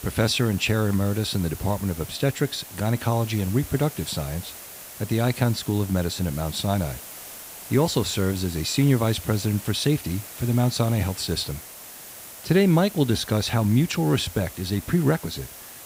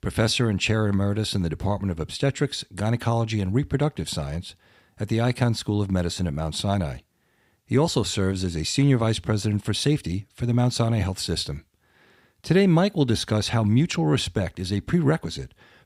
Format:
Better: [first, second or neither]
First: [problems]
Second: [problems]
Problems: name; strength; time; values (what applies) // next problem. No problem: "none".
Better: second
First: hiss; noticeable; throughout; 15 dB below the speech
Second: none